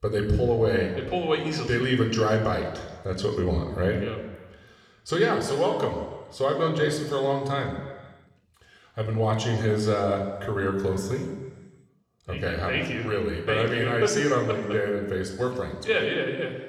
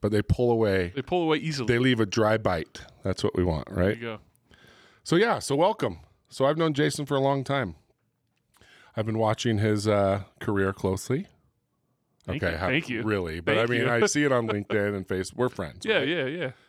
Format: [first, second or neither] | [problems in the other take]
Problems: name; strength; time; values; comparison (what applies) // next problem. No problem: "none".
second | room echo; slight; dies away in 1.2 s